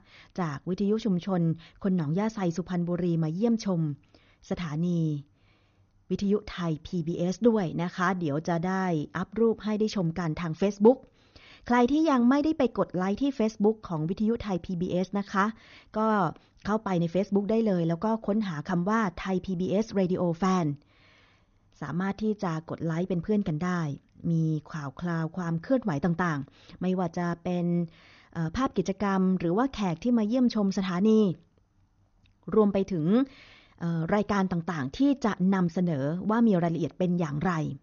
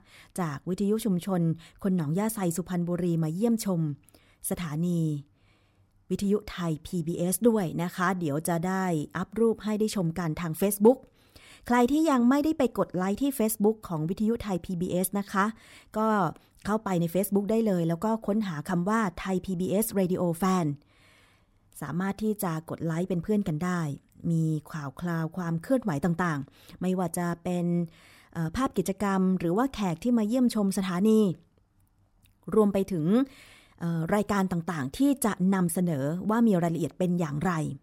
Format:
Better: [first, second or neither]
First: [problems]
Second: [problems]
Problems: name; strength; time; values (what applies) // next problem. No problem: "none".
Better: second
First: garbled, watery; slightly; nothing above 6.5 kHz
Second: none